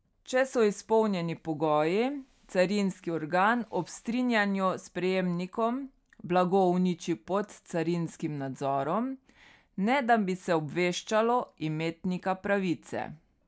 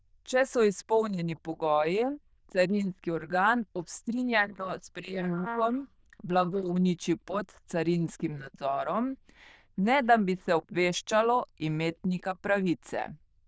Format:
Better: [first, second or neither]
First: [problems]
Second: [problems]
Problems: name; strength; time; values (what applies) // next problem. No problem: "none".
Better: first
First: none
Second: noise reduction (neural diffusion model UNIVERSE++)